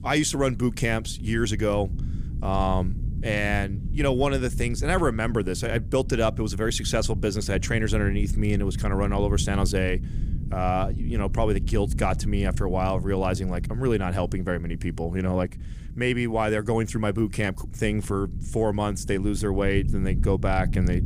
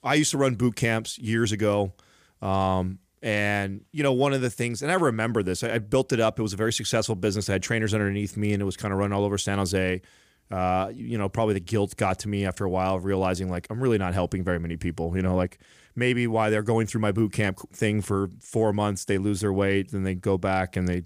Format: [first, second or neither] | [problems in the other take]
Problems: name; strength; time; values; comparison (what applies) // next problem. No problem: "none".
second | low rumble; noticeable; throughout; 15 dB below the speech